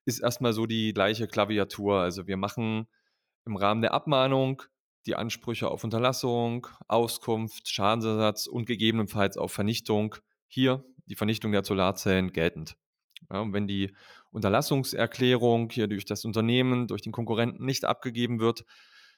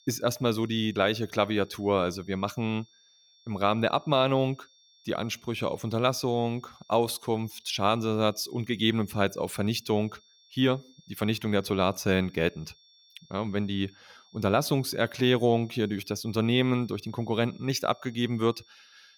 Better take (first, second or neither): first